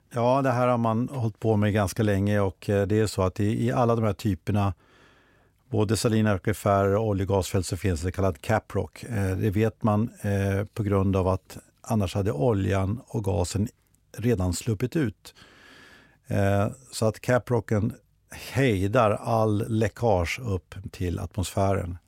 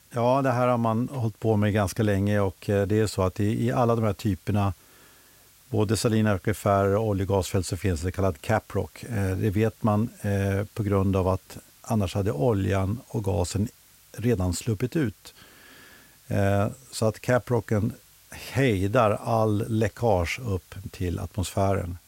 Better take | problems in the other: first | hiss; faint; throughout; 30 dB below the speech

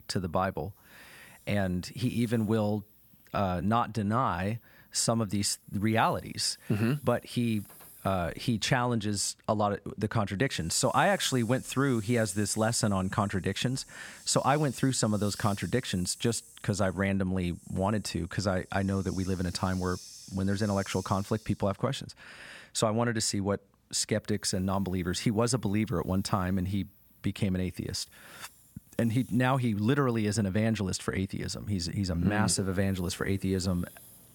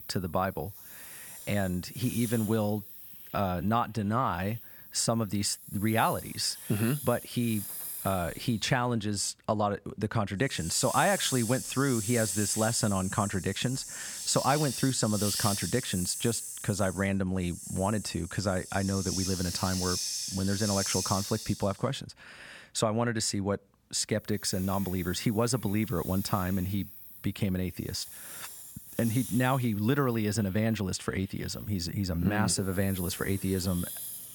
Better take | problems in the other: first | hiss; loud; throughout; 7 dB below the speech; faint in the first

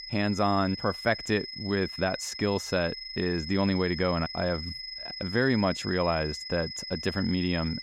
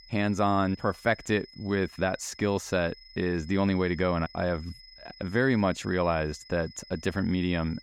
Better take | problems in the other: second | high-pitched whine; loud; throughout; 5 kHz, 8 dB below the speech; faint in the second

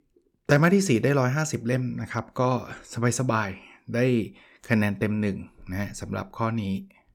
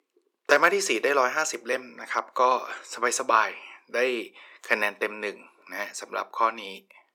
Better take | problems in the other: first | thin; very; fading below 400 Hz

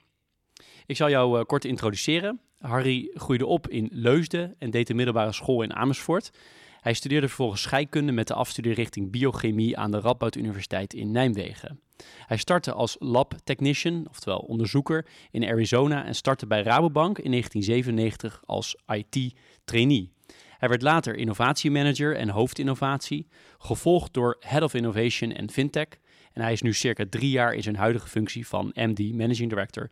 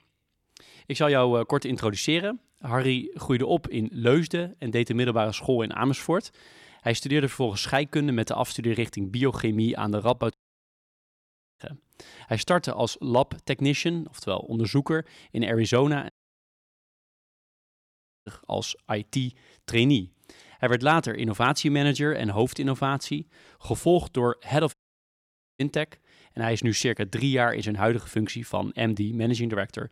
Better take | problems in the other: first | audio cutting out; at 10 s for 1.5 s, at 16 s for 2 s and at 25 s for 1 s

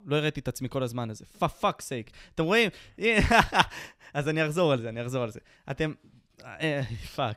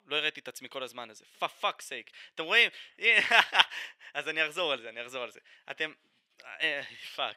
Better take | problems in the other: first | thin; very; fading below 500 Hz

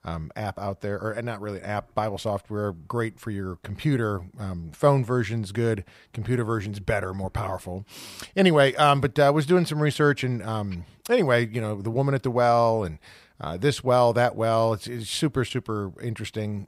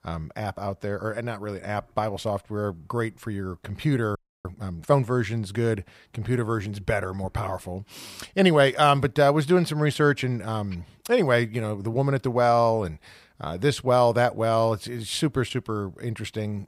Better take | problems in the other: first | audio freezing; at 4 s

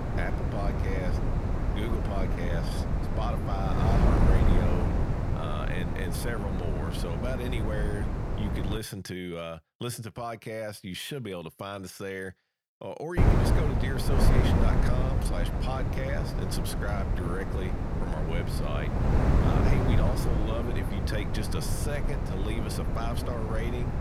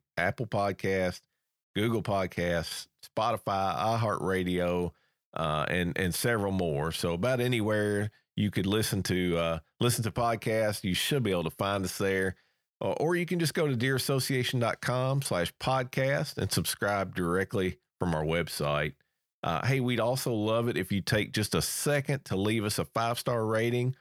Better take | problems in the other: second | wind noise on the microphone; heavy; until 9 s and from 13 s on; 1 dB above the speech

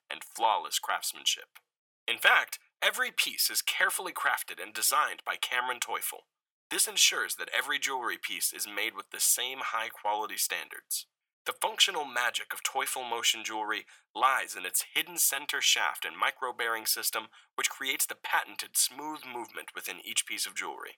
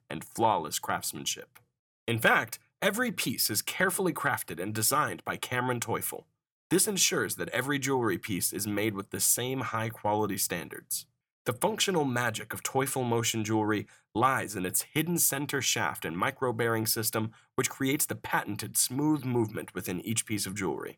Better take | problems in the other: second | thin; very; fading below 850 Hz

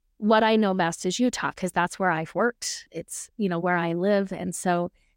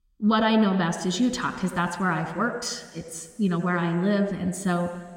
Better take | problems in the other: first | room echo; slight; dies away in 1.9 s

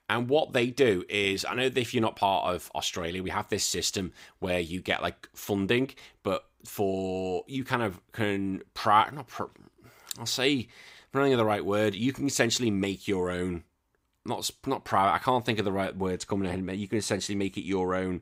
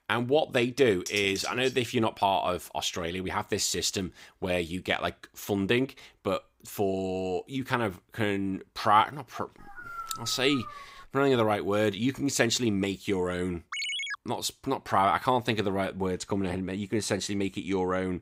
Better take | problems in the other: first | clattering dishes; noticeable; at 1 s; peak 9 dB below the speech // dog barking; faint; from 9.5 to 11 s; peak 10 dB below the speech // phone ringing; noticeable; at 14 s; peak 2 dB below the speech

